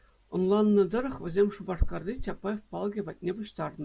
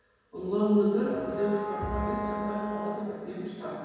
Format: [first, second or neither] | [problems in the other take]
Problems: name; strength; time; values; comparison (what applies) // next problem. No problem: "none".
first | background sound (Wind instrument, woodwind instrument); 6 dB below the speech // room echo; dies away in 1.9 s